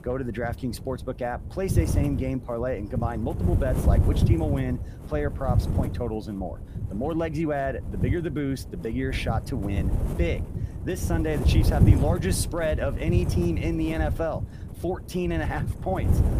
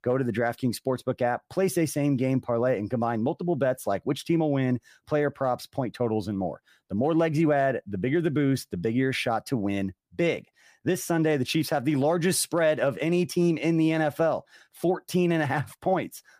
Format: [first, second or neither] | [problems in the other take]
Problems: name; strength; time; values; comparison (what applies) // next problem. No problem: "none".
second | wind noise on the microphone; heavy; 8 dB below the speech